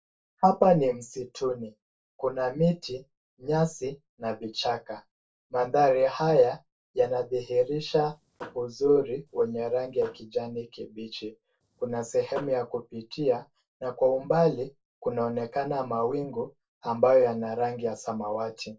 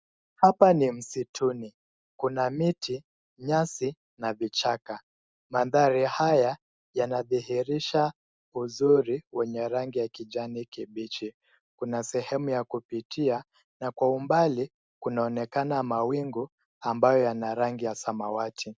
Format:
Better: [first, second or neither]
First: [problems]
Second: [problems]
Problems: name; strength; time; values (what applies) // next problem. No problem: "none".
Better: second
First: noise reduction (neural separator model SepFormer DNS4)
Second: none